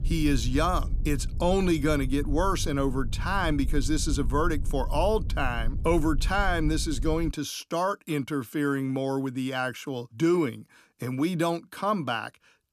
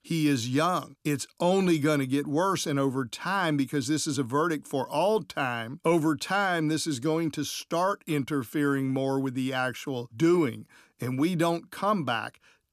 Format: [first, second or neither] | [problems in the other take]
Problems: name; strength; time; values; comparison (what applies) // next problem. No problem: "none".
second | low rumble; faint; until 7.5 s; 20 dB below the speech